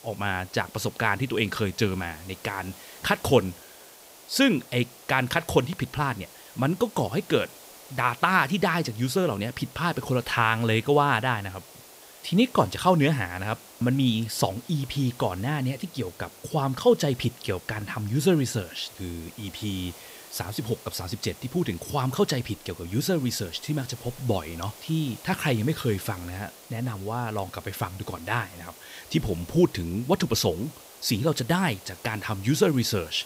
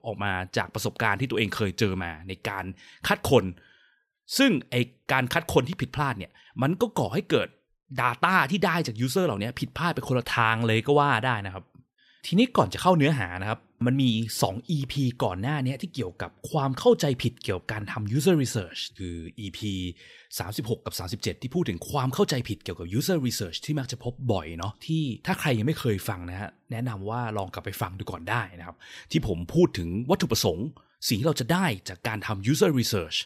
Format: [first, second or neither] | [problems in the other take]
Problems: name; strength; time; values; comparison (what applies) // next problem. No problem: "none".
second | hiss; noticeable; throughout; 20 dB below the speech